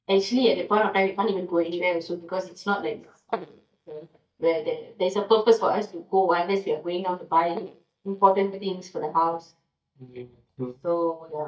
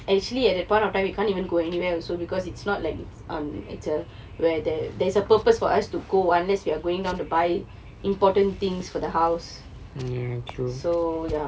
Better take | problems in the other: second | noise reduction (neural mask model DeepFilterNet 3)

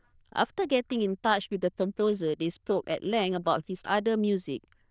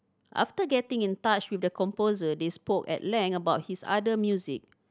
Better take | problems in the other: second | noise reduction (neural diffusion model UNIVERSE++)

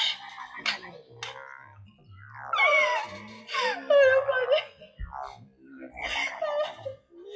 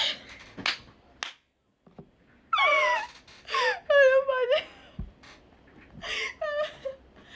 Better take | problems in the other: second | noise reduction (classical method WPE with log-MMSE)

